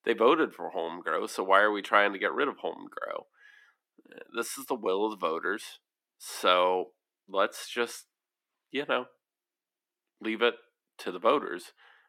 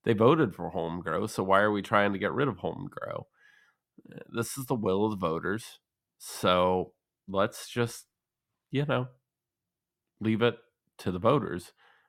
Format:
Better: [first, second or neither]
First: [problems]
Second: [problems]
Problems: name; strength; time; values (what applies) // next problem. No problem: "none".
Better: second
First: thin; somewhat; fading below 300 Hz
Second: none